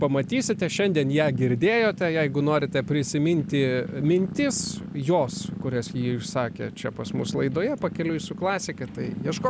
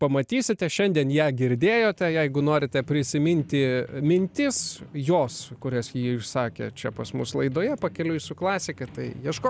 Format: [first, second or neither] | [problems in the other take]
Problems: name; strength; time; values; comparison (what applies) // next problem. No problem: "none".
second | background sound (Purr); 10 dB below the speech